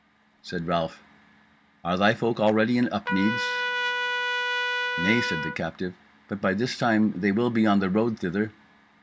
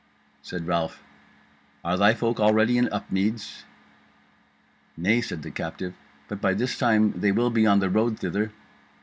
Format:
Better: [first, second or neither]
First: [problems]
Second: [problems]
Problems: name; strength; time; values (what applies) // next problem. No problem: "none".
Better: second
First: background sound (Trumpet); 7 dB below the speech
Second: none